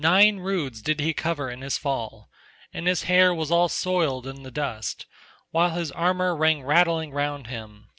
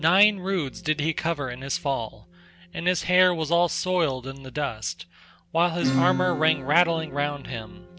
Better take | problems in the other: first | background sound (Acoustic guitar / Strum); 9 dB below the speech

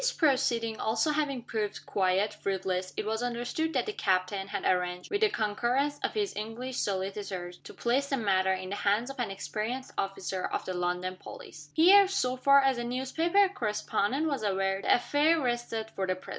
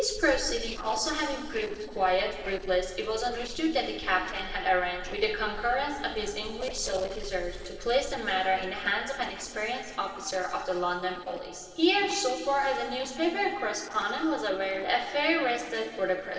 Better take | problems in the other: first | noise reduction (neural separator model SepFormer DNS4)

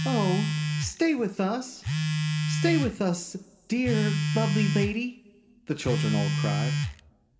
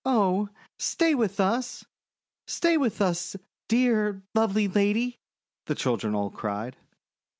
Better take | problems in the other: second | background sound (Telephone); as loud as the speech // room echo; dies away in 1.9 s

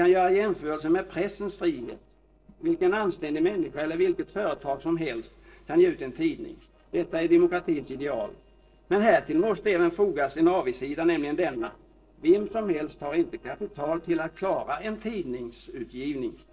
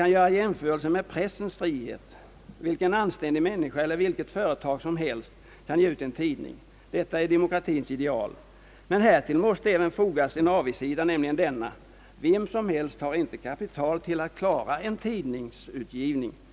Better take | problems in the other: second | noise reduction (neural separator model SepFormer DNS4)

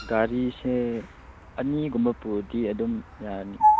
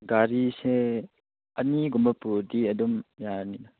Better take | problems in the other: second | background sound (Bird vocalization, bird call, bird song); 1 dB below the speech

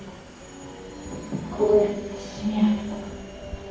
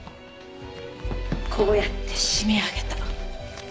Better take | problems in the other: second | background sound (Subway, metro, underground); 18 dB below the speech // room echo; dies away in 1.2 s

